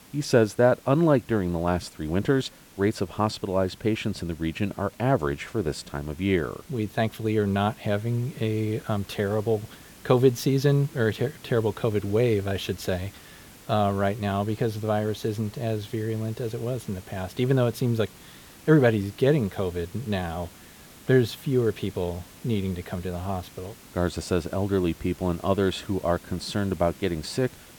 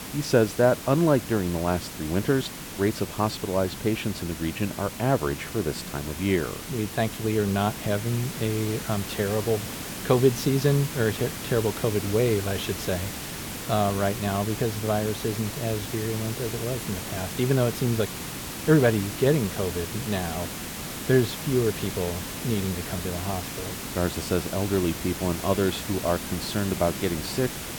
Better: first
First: hiss; faint; throughout; 20 dB below the speech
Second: hiss; loud; throughout; 7 dB below the speech

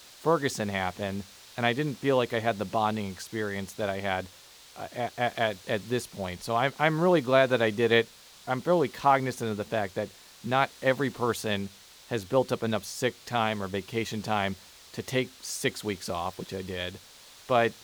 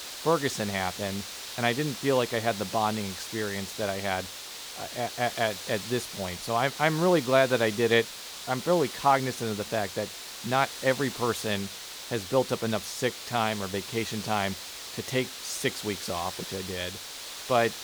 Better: first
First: hiss; faint; throughout; 20 dB below the speech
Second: hiss; loud; throughout; 8 dB below the speech

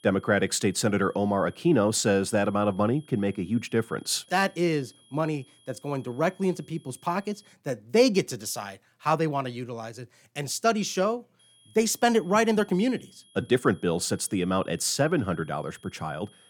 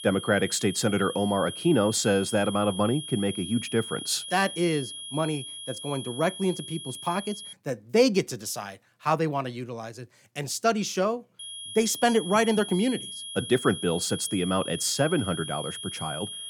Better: first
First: high-pitched whine; faint; until 7.5 s and from 11 s on; 3.5 kHz, 30 dB below the speech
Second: high-pitched whine; loud; until 7.5 s and from 11 s on; 3.5 kHz, 9 dB below the speech

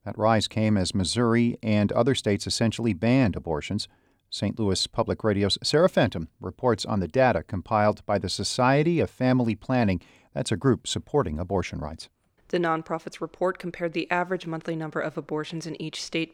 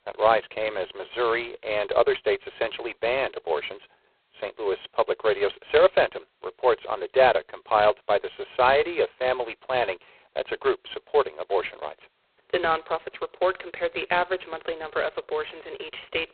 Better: first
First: none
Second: phone-call audio; poor line; nothing above 4 kHz

